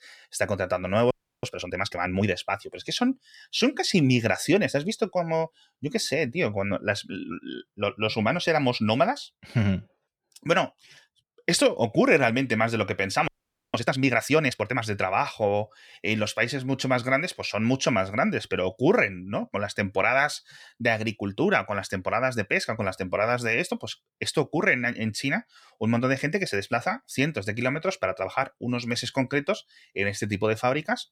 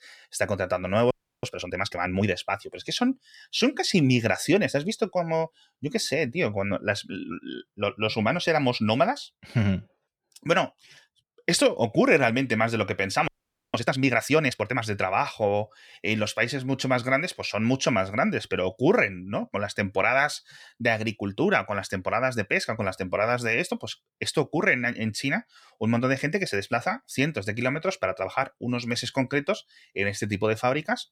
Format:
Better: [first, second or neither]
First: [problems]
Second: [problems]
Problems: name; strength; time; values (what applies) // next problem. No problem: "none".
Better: neither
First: audio freezing; at 1 s and at 13 s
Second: audio freezing; at 1 s and at 13 s